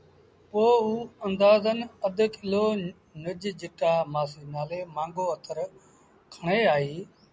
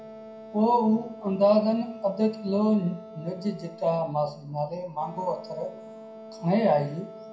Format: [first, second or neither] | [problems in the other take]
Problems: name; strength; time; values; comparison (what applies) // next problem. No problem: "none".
first | background sound (Wind instrument, woodwind instrument); 17 dB below the speech // room echo; dies away in 0.5 s